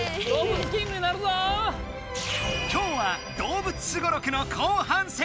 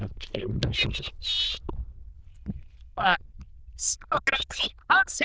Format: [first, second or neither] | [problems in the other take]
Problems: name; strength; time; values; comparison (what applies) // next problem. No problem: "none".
first | noise reduction (neural diffusion model UNIVERSE++)